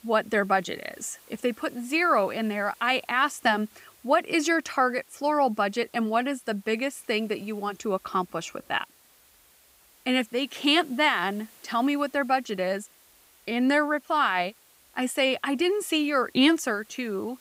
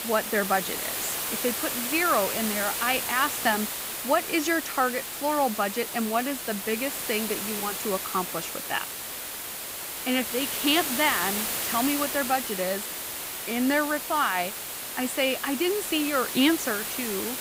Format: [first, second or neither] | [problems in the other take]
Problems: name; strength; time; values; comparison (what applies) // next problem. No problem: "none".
first | hiss; loud; throughout; 3 dB below the speech; faint in the first